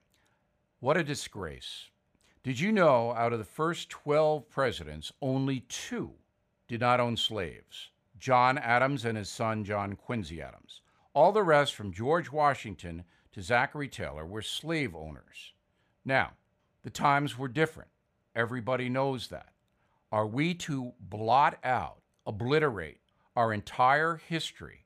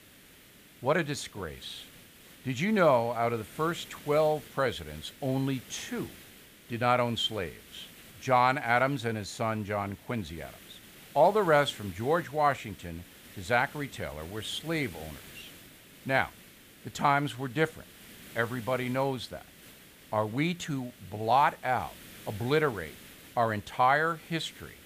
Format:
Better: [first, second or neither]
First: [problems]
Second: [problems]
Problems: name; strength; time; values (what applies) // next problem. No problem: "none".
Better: first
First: none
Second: hiss; faint; throughout; 20 dB below the speech